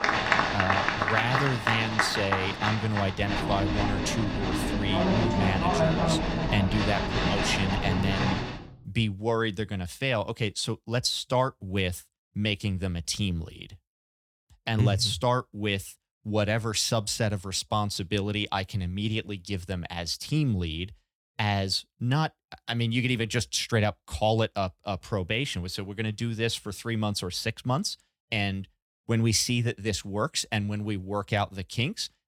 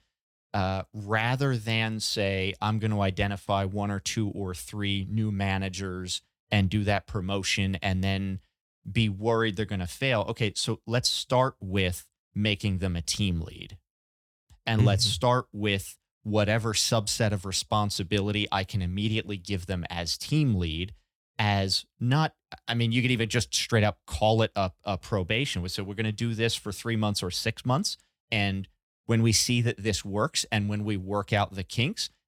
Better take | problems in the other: second | crowd noise; very loud; until 8.5 s; 1 dB above the speech

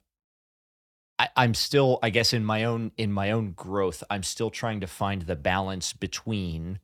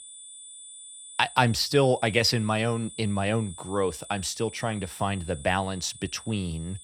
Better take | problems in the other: first | high-pitched whine; noticeable; throughout; 9 kHz, 15 dB below the speech

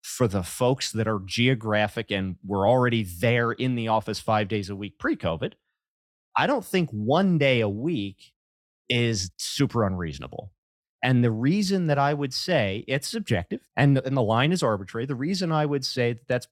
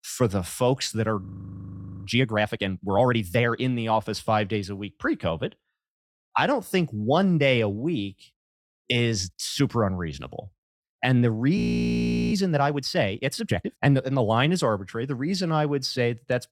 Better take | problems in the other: first | audio freezing; at 1.5 s for 1 s and at 12 s for 0.5 s

